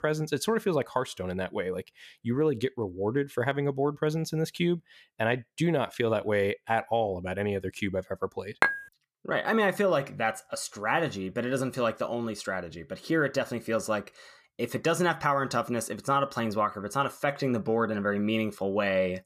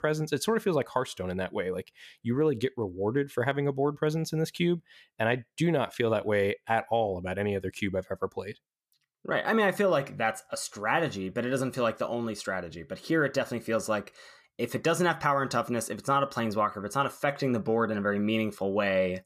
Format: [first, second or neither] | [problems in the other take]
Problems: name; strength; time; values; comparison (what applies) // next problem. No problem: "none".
second | clattering dishes; loud; at 8.5 s; peak 3 dB above the speech